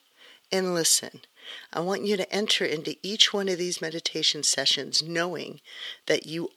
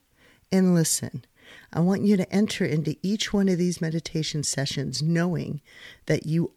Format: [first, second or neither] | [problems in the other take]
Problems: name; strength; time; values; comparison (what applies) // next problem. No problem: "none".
second | thin; very; fading below 450 Hz